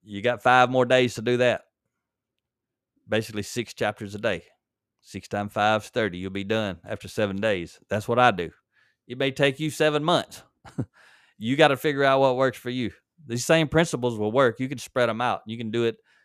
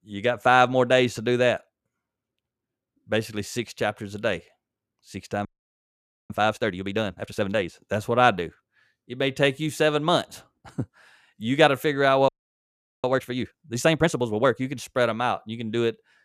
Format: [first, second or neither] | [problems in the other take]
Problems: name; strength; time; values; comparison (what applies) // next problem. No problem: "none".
first | audio freezing; at 5.5 s for 1 s and at 12 s for 1 s